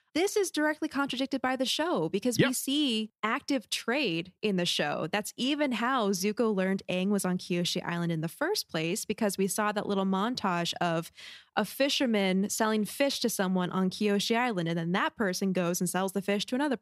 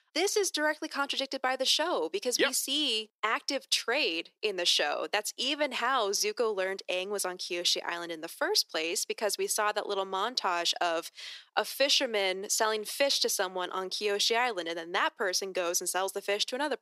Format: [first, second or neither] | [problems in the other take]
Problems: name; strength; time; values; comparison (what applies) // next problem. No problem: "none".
first | thin; very; fading below 350 Hz